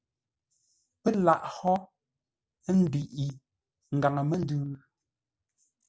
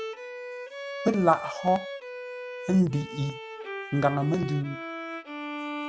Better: first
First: none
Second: background sound (Bowed string instrument); 8 dB below the speech

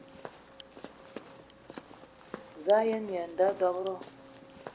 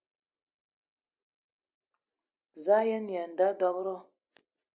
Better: second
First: background sound (Walk, footsteps); 15 dB below the speech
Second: none

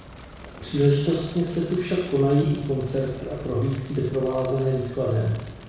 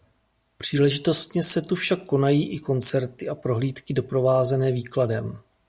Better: second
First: background sound (Fire); 17 dB below the speech // room echo; dies away in 1.1 s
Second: none

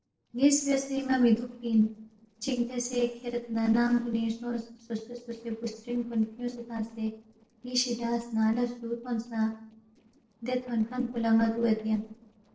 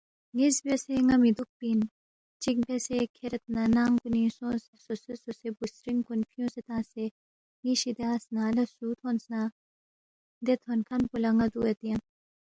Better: second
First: noise reduction (neural separator model SepFormer DNS4)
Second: none

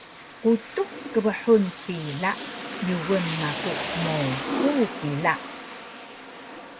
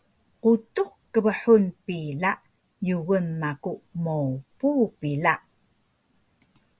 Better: second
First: background sound (Rain); 7 dB below the speech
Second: none

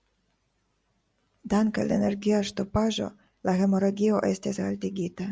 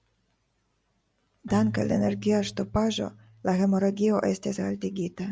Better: first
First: none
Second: background sound (Keyboard (musical)); 16 dB below the speech

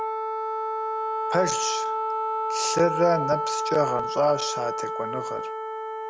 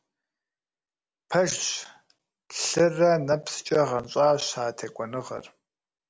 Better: second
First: background sound (Wind instrument, woodwind instrument); as loud as the speech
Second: none

